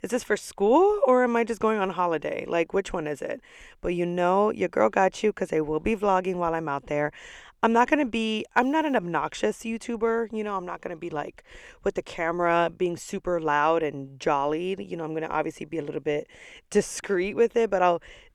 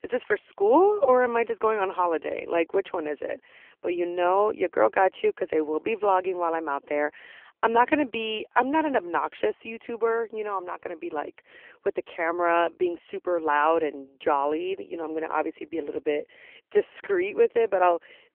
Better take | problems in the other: first | phone-call audio; poor line; nothing above 3 kHz

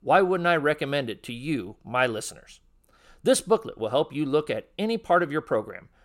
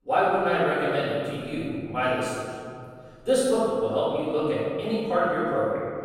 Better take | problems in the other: first | room echo; strong; dies away in 2.3 s // off-mic speech; far

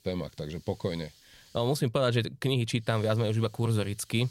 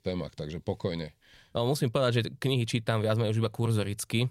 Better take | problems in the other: second | hiss; faint; until 1.5 s and from 3 s on; 25 dB below the speech

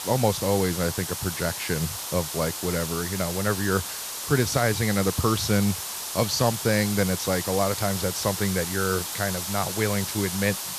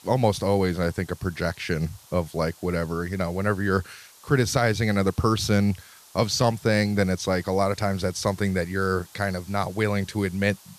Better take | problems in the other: second | hiss; loud; throughout; 4 dB below the speech; faint in the second

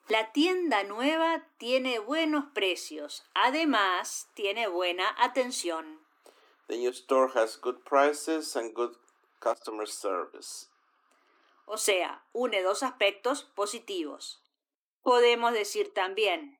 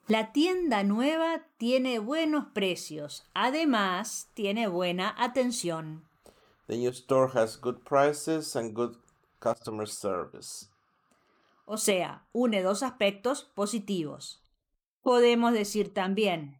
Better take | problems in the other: second | thin; very slightly; fading below 250 Hz

